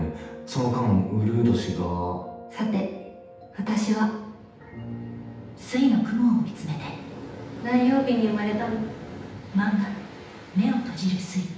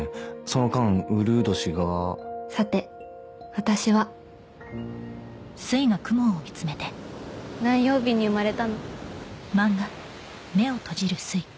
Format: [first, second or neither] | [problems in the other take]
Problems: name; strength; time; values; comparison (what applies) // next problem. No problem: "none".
second | room echo; dies away in 0.9 s